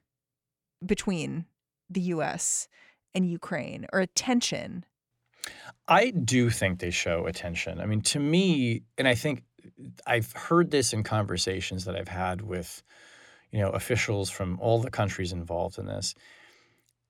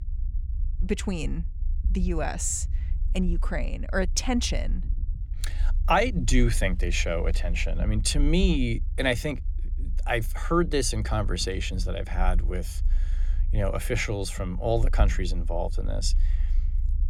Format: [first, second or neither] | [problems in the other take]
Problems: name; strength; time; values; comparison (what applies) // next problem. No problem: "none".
first | low rumble; faint; throughout; 25 dB below the speech